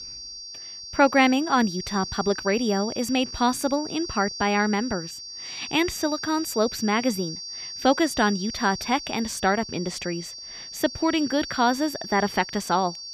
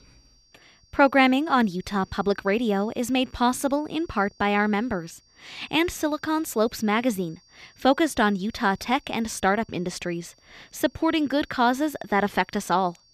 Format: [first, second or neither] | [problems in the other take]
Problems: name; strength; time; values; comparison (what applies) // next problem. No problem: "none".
second | high-pitched whine; loud; throughout; 4.5 kHz, 10 dB below the speech; faint in the second